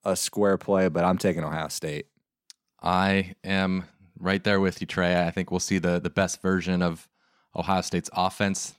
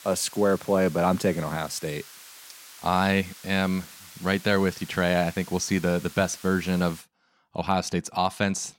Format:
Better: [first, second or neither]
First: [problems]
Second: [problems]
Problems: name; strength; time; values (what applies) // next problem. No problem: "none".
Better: first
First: none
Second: hiss; noticeable; until 7 s; 20 dB below the speech